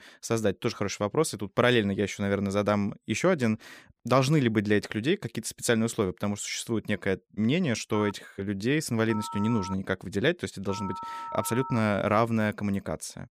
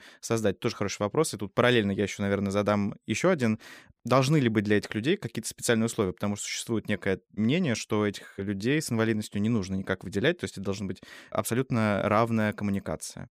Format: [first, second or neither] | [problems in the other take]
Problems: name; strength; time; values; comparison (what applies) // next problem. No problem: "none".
second | phone ringing; noticeable; from 8 to 12 s; peak 9 dB below the speech